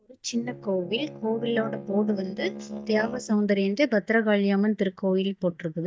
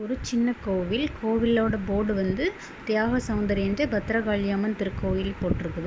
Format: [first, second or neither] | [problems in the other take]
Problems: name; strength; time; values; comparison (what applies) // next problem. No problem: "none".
second | noise reduction (neural mask model DeepFilterNet 3)